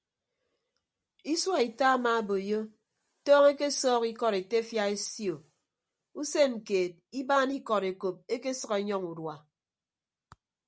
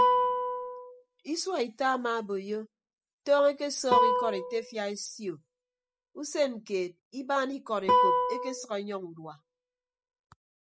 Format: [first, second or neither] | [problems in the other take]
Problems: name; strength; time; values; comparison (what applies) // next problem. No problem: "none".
first | noise reduction (classical method spectral subtraction)